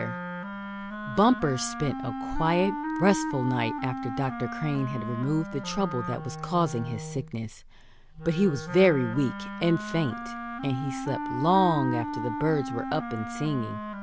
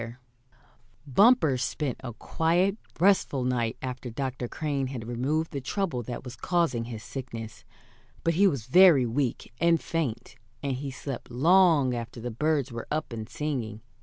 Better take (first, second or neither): second